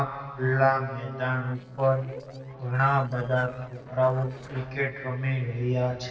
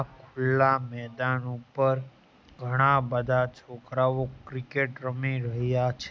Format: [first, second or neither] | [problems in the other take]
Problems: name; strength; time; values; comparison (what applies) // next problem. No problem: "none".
second | noise reduction (neural separator model SepFormer DNS4)